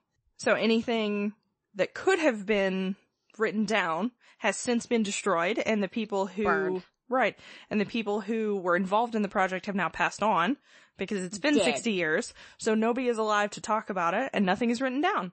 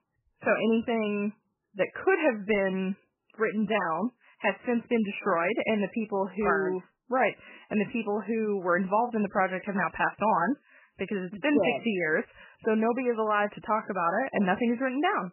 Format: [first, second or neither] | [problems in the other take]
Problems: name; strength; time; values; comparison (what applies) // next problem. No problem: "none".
first | garbled, watery; badly; nothing above 3 kHz; slightly in the first